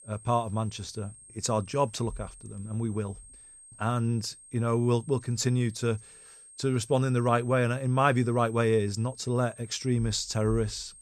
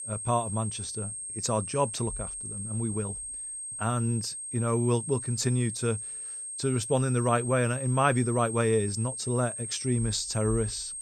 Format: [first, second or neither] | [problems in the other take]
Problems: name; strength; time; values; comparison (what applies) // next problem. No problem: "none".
first | high-pitched whine; loud; throughout; 8.5 kHz, 6 dB below the speech; faint in the first